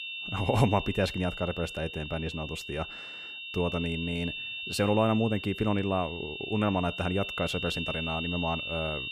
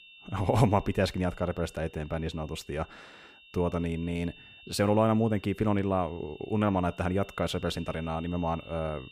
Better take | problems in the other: second | high-pitched whine; loud; throughout; 2.5 kHz, 5 dB below the speech; faint in the second

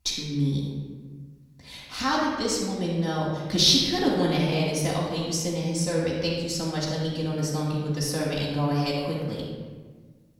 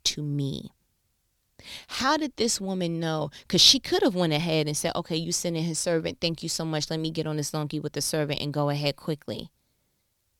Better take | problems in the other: second | off-mic speech; far // room echo; noticeable; dies away in 1.3 s

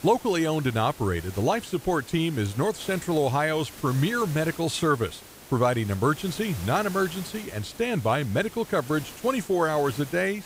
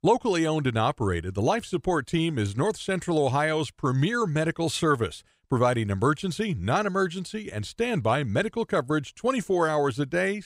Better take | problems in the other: second | hiss; noticeable; throughout; 15 dB below the speech

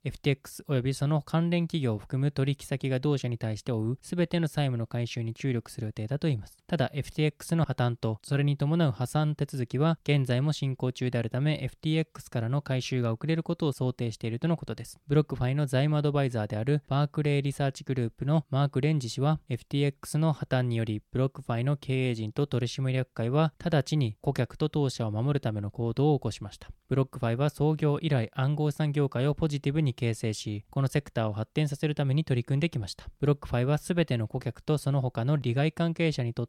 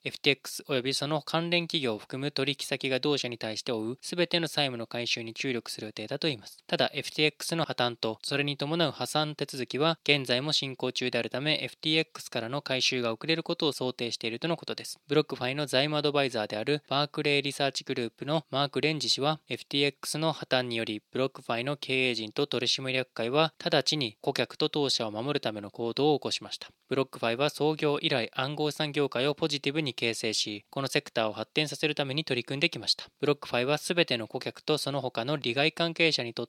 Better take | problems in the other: first | thin; somewhat; fading below 300 Hz

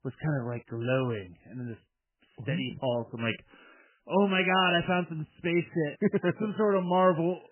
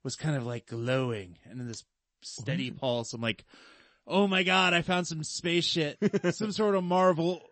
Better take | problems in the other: second | garbled, watery; badly; nothing above 3 kHz; slightly in the second

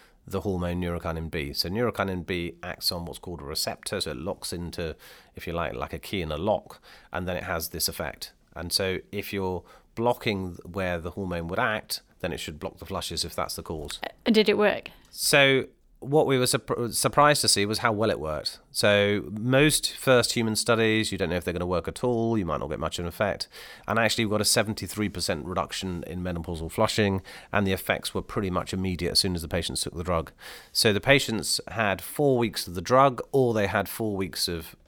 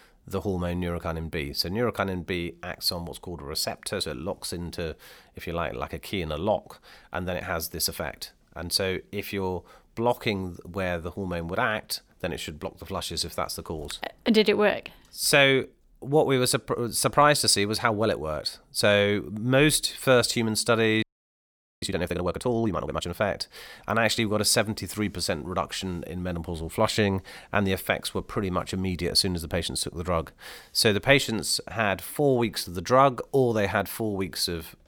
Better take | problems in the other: first | audio freezing; at 21 s for 1 s

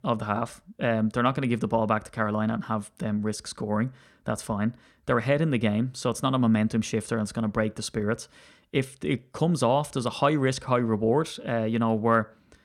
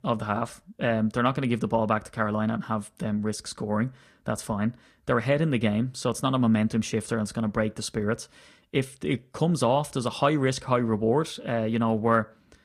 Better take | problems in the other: first | garbled, watery; slightly

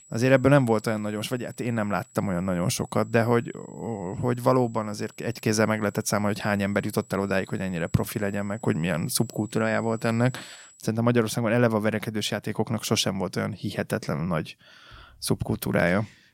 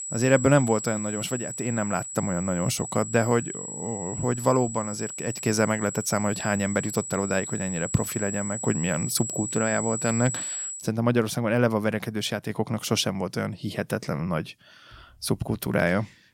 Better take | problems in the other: first | high-pitched whine; loud; until 11 s; 7.5 kHz, 6 dB below the speech; faint in the first

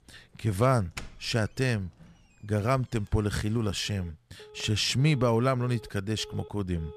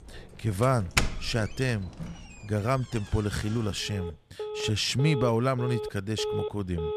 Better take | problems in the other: first | alarms or sirens; loud; throughout; 7 dB below the speech; faint in the first

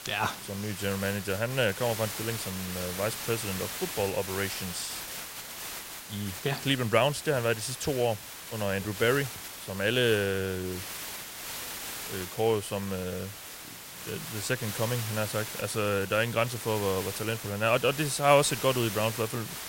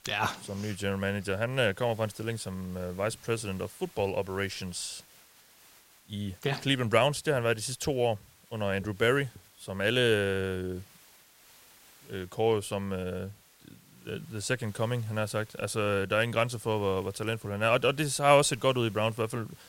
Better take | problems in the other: second | hiss; loud; throughout; 8 dB below the speech; faint in the second

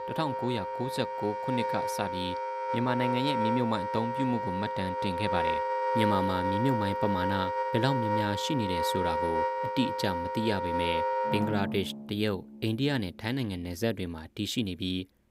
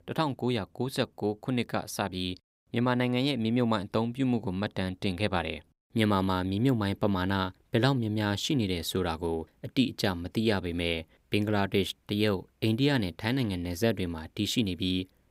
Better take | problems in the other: second | background music; very loud; throughout; as loud as the speech

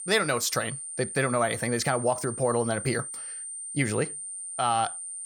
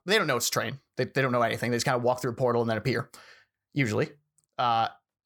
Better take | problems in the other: second | high-pitched whine; loud; throughout; 9 kHz, 7 dB below the speech

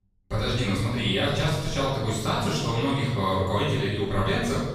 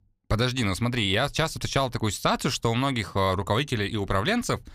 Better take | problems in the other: second | room echo; strong; dies away in 1.2 s // off-mic speech; far

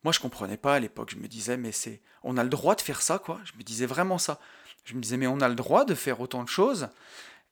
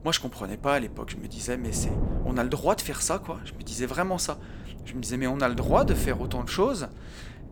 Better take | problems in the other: first | wind noise on the microphone; occasional gusts; 15 dB below the speech

